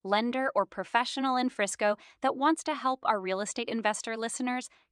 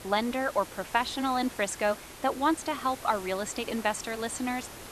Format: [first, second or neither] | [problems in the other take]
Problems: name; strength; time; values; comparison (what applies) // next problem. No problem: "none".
first | hiss; noticeable; throughout; 15 dB below the speech